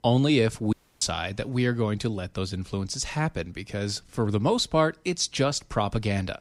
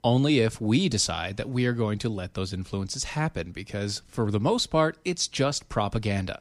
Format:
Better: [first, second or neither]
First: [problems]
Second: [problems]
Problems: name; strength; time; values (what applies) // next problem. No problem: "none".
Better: second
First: audio cutting out; at 0.5 s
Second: none